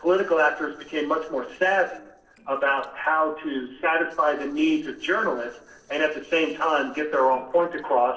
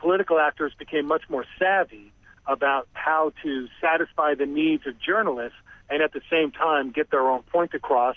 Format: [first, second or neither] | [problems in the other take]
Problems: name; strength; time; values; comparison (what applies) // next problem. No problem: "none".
second | noise reduction (neural separator model SepFormer DNS4)